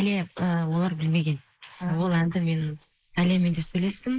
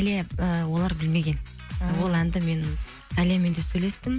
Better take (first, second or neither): second